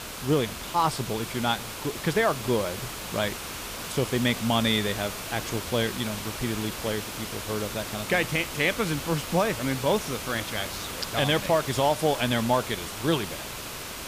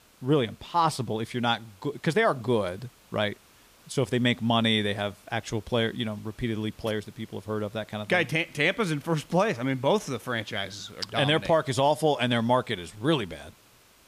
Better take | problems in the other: second | hiss; loud; throughout; 7 dB below the speech; faint in the second

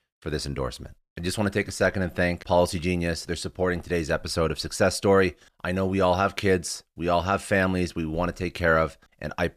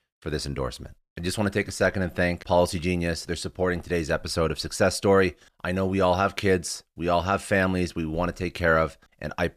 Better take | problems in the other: neither | none

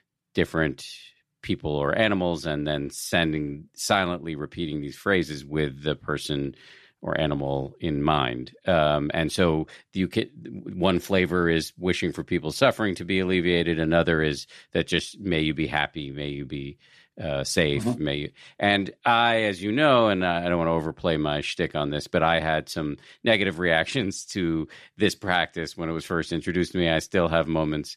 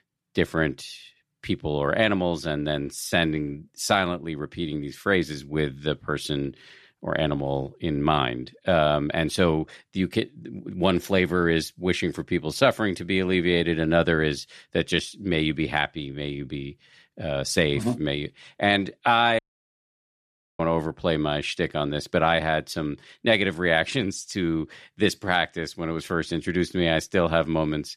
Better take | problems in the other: first | audio cutting out; at 19 s for 1 s

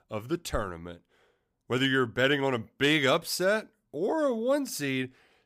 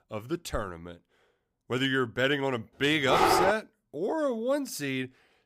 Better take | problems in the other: first | dog barking; loud; at 3 s; peak 6 dB above the speech

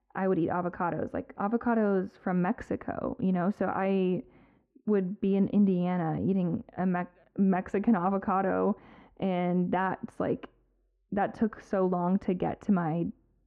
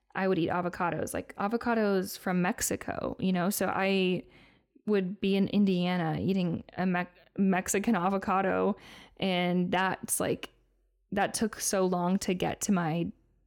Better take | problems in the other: second | muffled; very; fading above 1 kHz

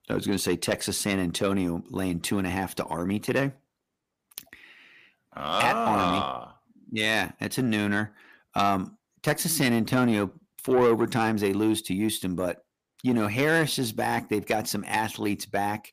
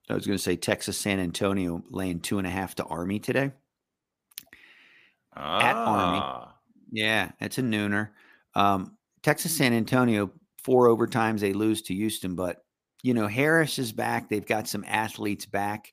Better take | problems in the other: second | distortion; slight; 10 dB below the speech

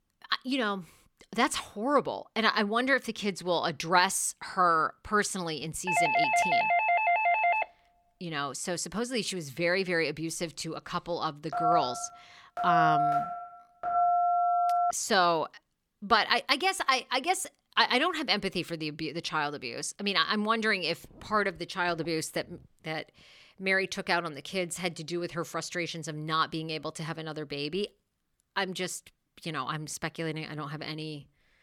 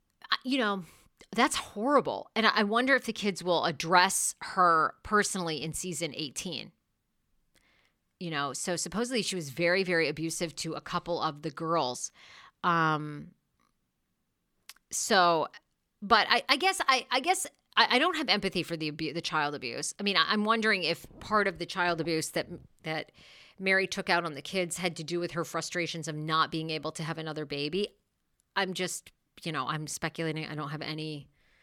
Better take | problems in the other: second | doorbell; loud; from 6 to 7.5 s; peak 5 dB above the speech // phone ringing; loud; from 12 to 15 s; peak 5 dB above the speech

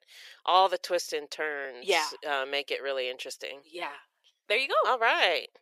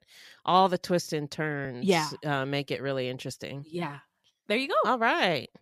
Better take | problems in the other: second | thin; very; fading below 450 Hz

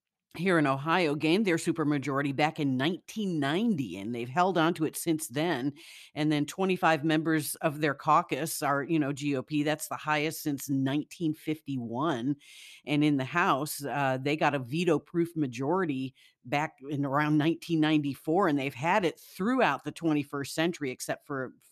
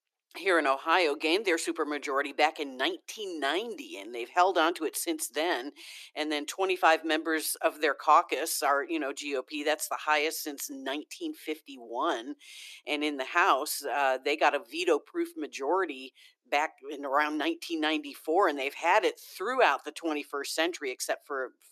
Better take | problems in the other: first | thin; very; fading below 350 Hz

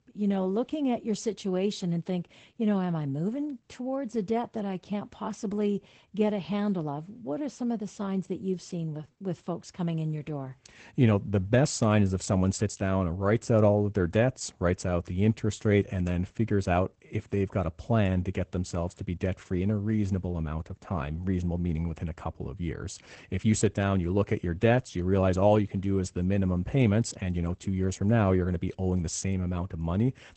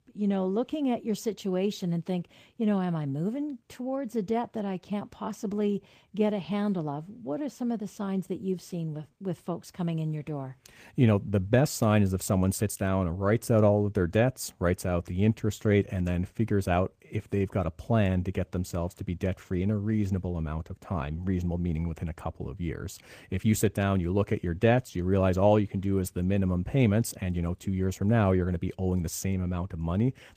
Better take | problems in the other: second | garbled, watery; badly; nothing above 8 kHz; slightly in the second

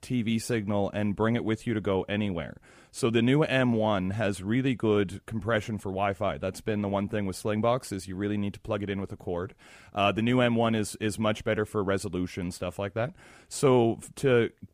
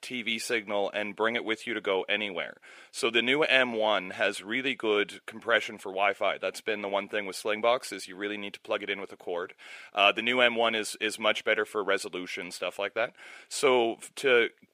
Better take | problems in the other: first | thin; somewhat; fading below 450 Hz

